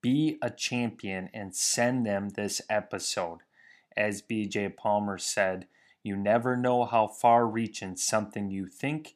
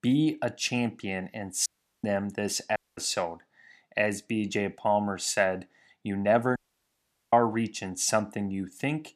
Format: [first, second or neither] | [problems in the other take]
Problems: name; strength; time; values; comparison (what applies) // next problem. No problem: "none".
first | audio cutting out; at 1.5 s, at 3 s and at 6.5 s for 1 s